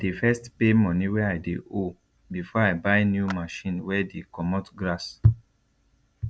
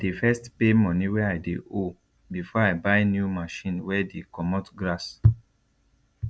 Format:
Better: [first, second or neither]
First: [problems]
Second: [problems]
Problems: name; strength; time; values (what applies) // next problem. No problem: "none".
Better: second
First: background sound (Clapping); 20 dB below the speech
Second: none